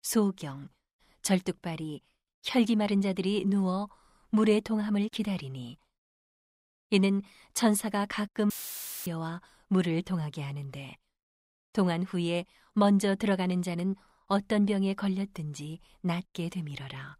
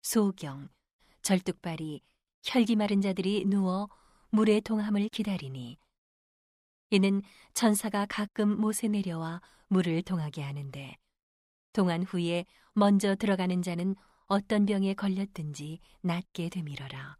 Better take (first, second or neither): second